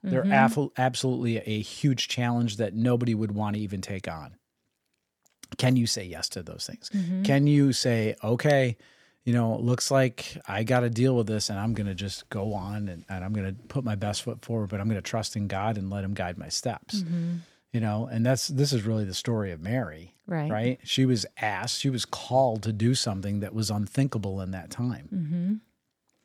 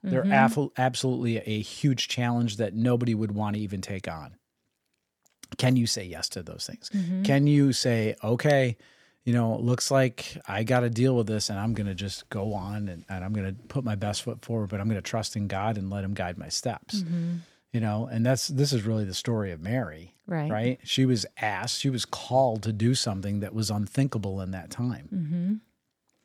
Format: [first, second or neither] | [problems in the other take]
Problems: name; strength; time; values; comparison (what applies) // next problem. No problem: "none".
neither | none